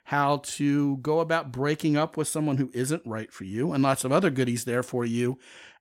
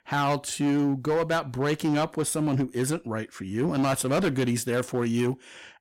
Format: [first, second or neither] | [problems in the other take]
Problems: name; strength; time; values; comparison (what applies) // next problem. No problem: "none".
first | distortion; slight; 13% of the sound clipped